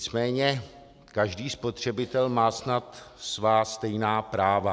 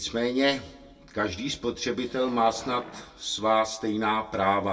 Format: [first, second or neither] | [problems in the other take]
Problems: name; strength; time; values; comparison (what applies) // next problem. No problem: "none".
first | background sound (Wild animals); 19 dB below the speech // room echo; dies away in 0.2 s